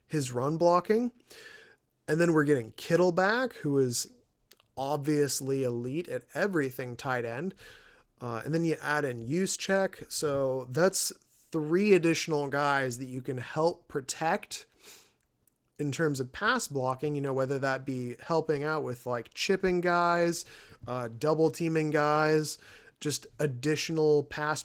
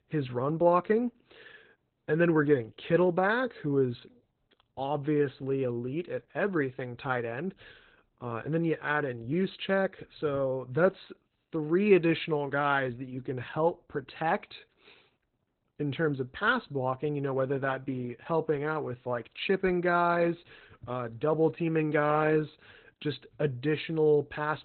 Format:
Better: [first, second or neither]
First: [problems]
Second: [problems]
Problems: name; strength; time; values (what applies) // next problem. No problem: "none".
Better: first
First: garbled, watery; slightly; nothing above 17 kHz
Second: garbled, watery; badly; nothing above 4 kHz